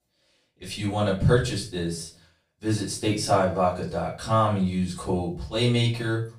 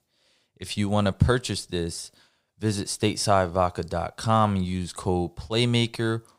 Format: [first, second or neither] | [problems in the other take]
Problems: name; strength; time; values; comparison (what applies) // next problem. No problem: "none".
second | room echo; slight; dies away in 0.3 s // off-mic speech; far